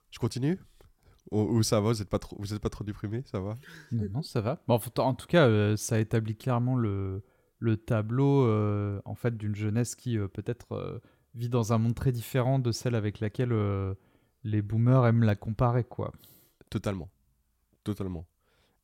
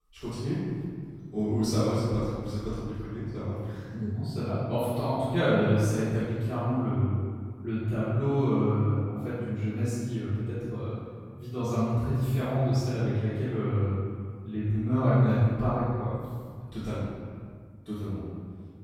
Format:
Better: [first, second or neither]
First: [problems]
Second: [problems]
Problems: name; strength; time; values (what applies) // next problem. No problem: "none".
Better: first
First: none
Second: off-mic speech; far // room echo; strong; dies away in 1.9 s